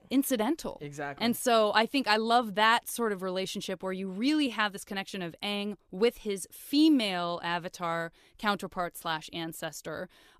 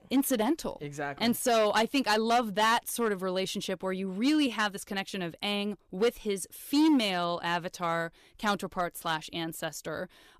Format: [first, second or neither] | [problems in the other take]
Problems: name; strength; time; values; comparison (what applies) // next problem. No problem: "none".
first | distortion; slight; 4% of the sound clipped